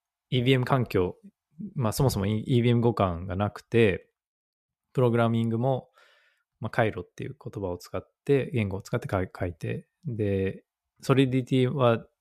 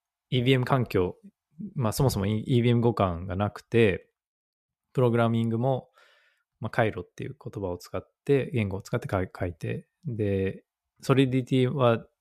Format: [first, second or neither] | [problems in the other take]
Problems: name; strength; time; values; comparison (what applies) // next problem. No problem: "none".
neither | none